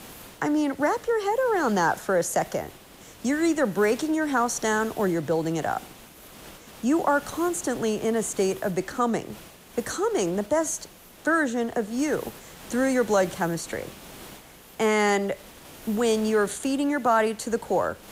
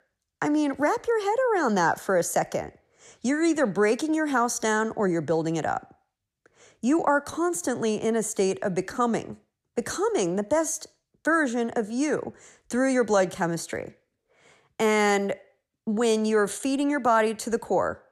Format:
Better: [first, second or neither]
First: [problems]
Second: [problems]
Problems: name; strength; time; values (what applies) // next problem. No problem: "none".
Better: second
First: hiss; noticeable; throughout; 20 dB below the speech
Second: none